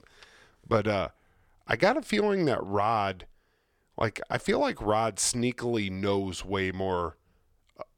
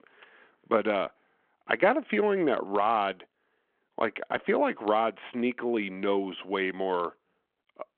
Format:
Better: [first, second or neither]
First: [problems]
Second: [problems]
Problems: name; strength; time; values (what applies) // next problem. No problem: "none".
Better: first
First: none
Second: phone-call audio